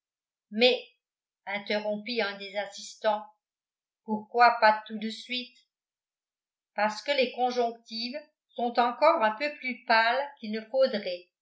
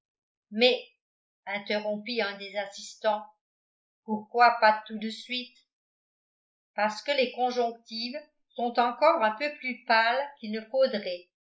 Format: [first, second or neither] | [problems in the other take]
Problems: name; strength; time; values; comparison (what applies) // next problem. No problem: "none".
first | noise reduction (neural mask model Resemble Enhance denoiser)